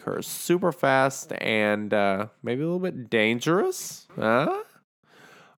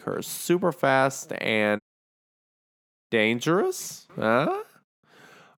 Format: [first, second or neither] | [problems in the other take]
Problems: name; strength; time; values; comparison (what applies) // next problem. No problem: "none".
first | audio cutting out; at 2 s for 1.5 s